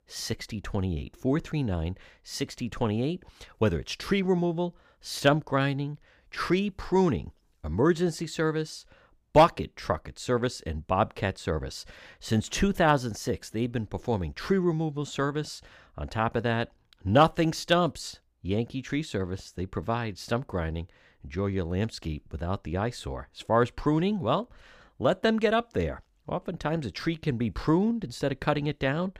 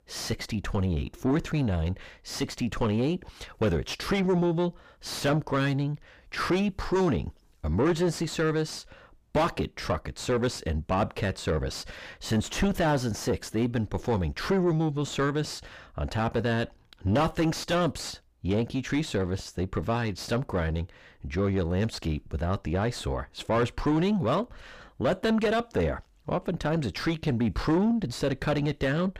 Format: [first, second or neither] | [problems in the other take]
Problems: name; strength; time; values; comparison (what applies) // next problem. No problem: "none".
first | distortion; heavy; 5 dB below the speech